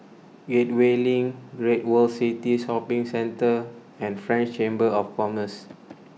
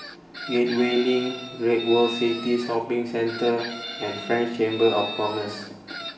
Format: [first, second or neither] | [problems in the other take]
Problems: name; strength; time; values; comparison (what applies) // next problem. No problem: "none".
first | background sound (Chicken, rooster); 11 dB below the speech // room echo; dies away in 1 s